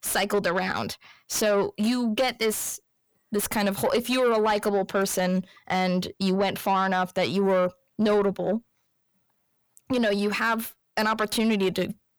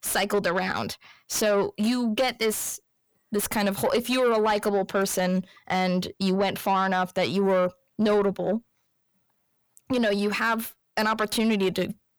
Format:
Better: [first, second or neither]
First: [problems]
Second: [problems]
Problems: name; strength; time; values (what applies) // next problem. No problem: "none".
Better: neither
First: distortion; slight; 10 dB below the speech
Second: distortion; slight; 10 dB below the speech